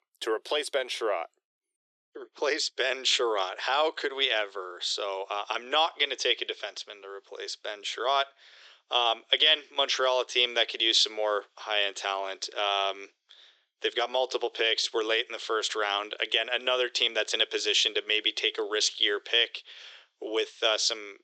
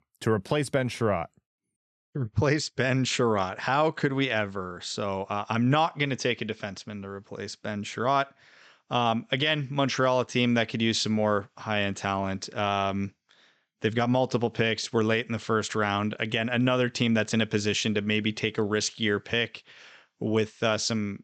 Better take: second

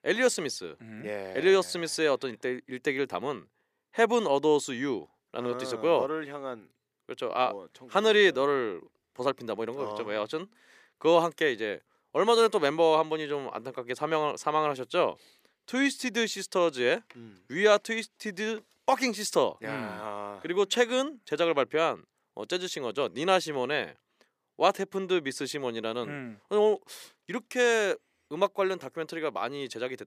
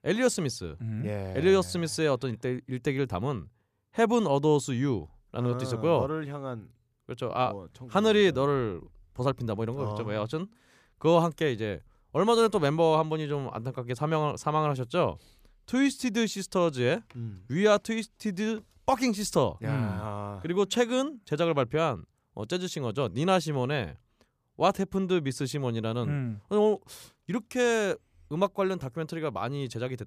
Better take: second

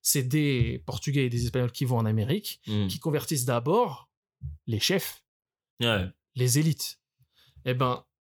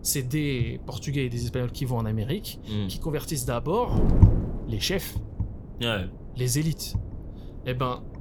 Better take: first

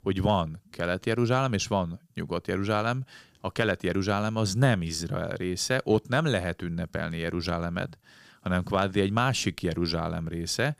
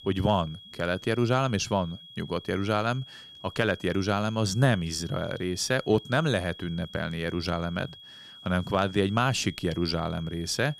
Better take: first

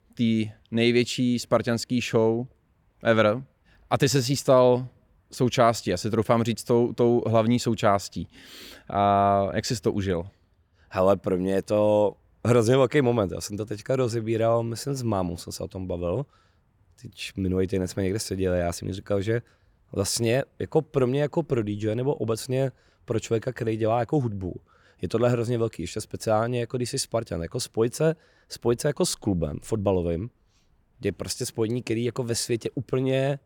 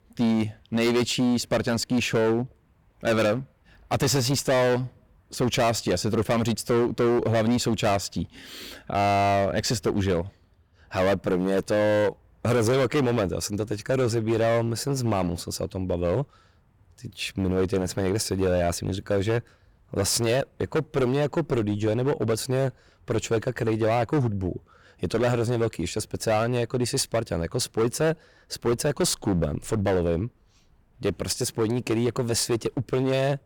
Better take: first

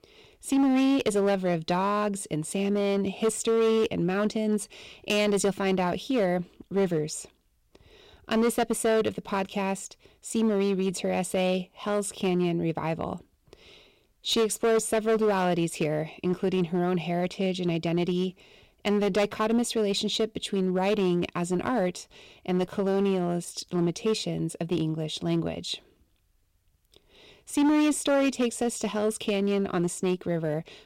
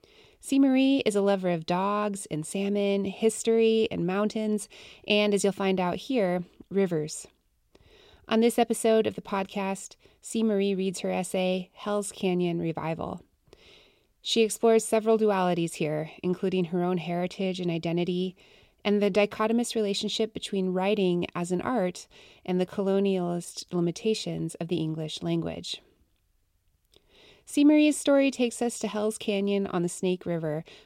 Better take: second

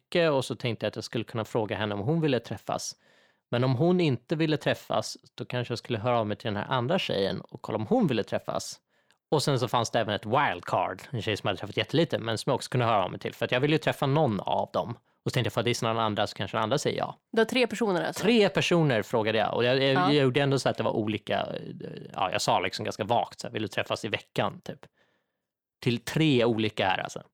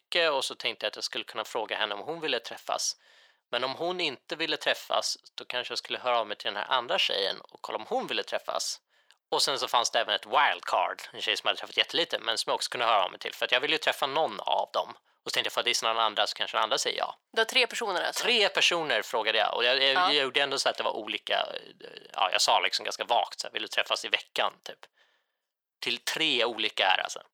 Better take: first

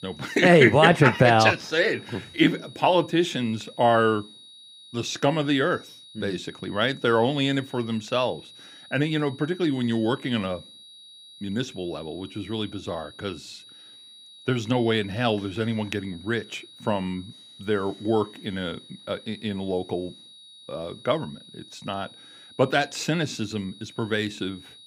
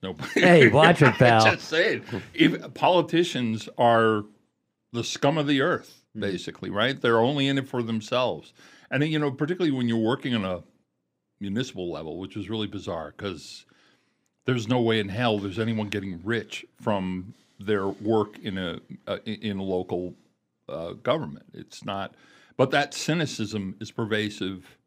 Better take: second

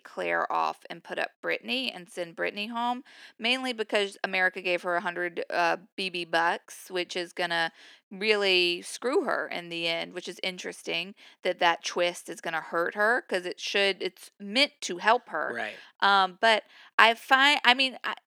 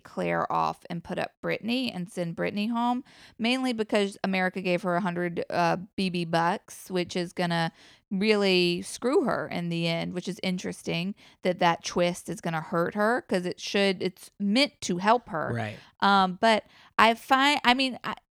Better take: second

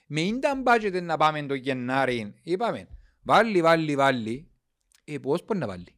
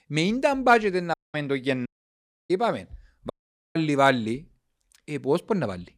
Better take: first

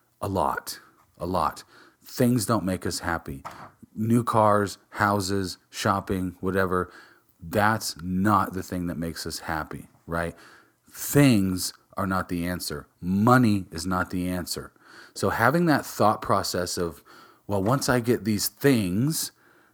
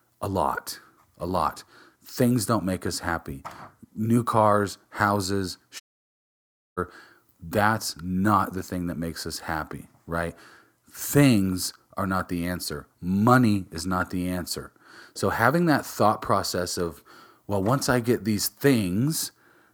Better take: first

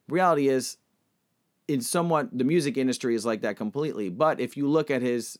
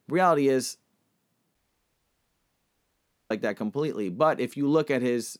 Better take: first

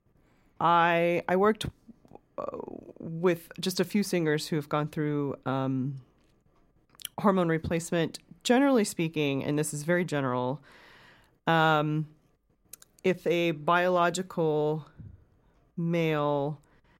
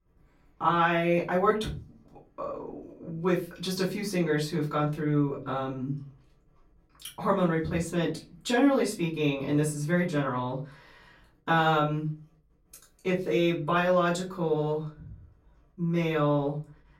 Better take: first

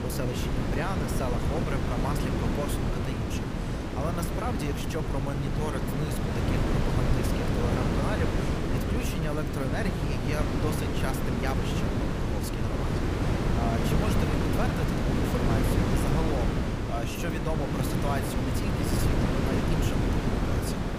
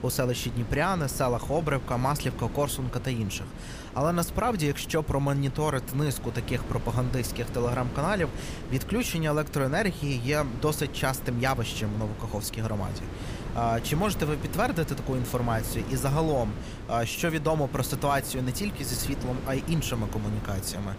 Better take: second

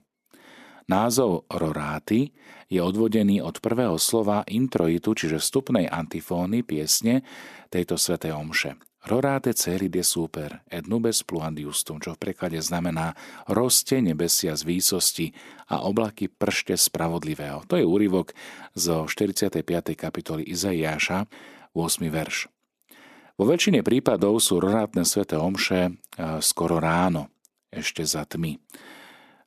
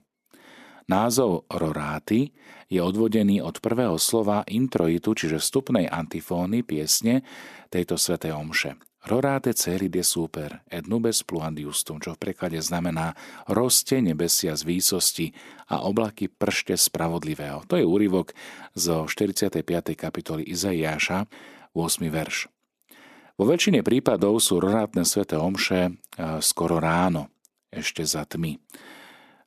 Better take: neither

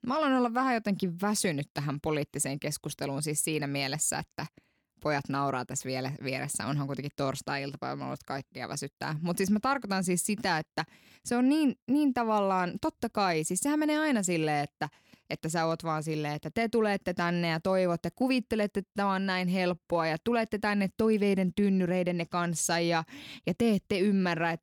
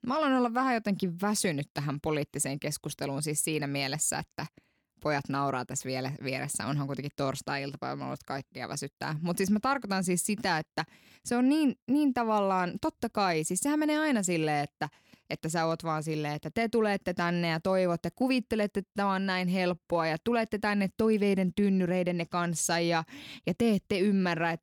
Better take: neither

